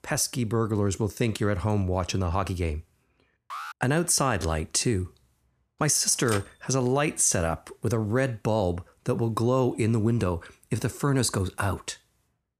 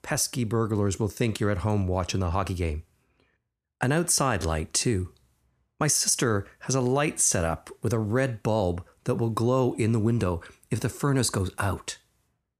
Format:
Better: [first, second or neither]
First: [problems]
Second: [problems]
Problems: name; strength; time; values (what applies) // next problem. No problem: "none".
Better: second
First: alarm; faint; at 3.5 s; peak 10 dB below the speech // keyboard typing; noticeable; at 6.5 s; peak 10 dB below the speech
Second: none